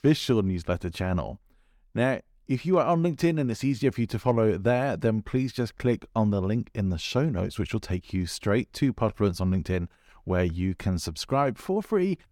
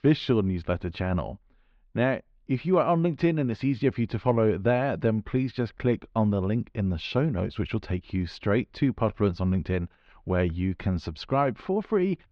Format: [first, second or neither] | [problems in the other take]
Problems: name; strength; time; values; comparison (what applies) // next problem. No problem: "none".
first | muffled; slightly; fading above 4 kHz